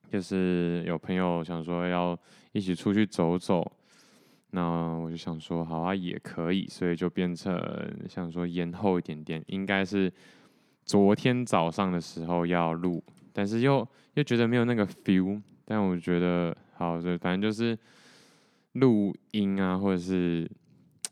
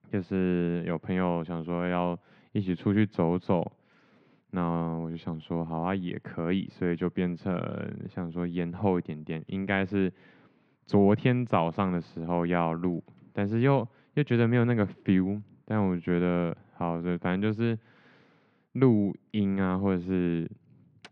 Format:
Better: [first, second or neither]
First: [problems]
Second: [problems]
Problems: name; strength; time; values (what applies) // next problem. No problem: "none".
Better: first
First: none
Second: muffled; slightly; fading above 3 kHz